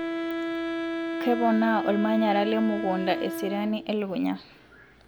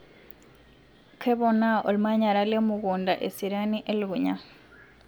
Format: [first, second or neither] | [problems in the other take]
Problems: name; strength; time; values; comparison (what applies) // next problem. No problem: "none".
second | background sound (Wind instrument, woodwind instrument); 5 dB below the speech